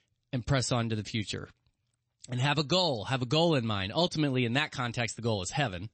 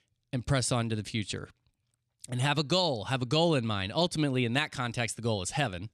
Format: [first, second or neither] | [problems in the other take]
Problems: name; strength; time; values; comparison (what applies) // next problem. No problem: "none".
second | garbled, watery; slightly; nothing above 8 kHz